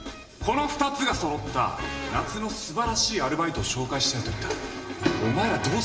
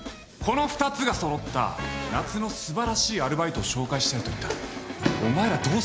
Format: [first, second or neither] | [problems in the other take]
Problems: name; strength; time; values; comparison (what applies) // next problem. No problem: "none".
second | room echo; dies away in 0.8 s